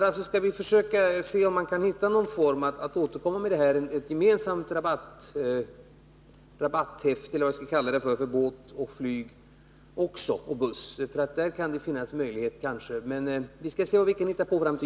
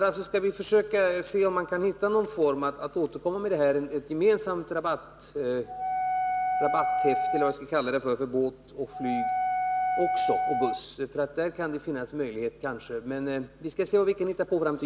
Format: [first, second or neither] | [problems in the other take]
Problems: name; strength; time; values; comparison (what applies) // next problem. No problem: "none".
first | background sound (Wind instrument, woodwind instrument); 1 dB below the speech